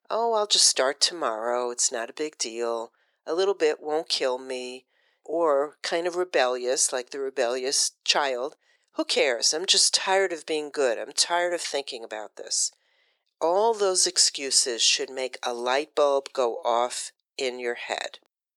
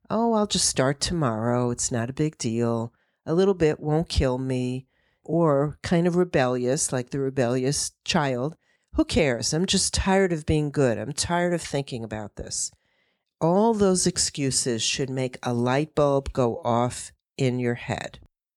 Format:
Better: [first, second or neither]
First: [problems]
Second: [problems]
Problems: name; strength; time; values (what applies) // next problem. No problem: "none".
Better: second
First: thin; very; fading below 400 Hz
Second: none